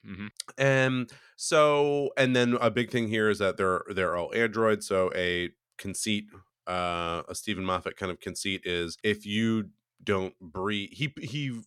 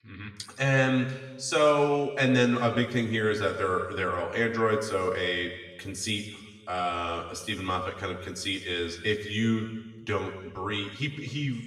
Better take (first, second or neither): first